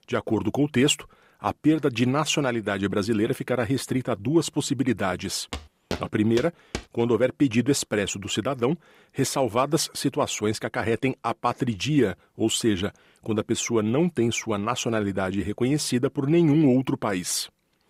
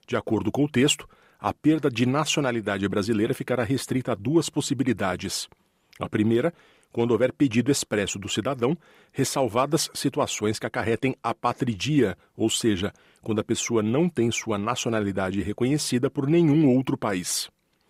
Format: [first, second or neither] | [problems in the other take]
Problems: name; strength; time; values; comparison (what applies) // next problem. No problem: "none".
second | footsteps; noticeable; from 5.5 to 7 s; peak 9 dB below the speech